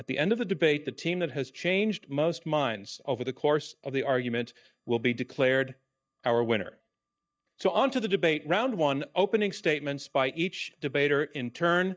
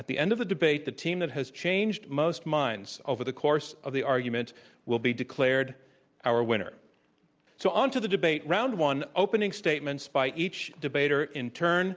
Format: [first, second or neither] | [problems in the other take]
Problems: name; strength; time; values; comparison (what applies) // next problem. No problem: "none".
second | noise reduction (neural mask model DeepFilterNet 3)